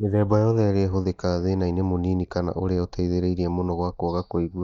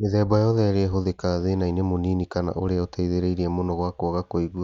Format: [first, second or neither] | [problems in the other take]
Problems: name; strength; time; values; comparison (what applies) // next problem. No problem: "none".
second | noise reduction (neural mask model DeepFilterNet 3)